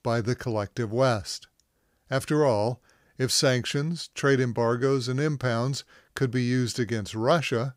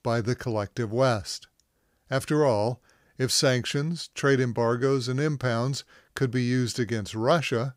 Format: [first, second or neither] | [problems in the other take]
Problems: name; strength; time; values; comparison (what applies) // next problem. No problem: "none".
neither | none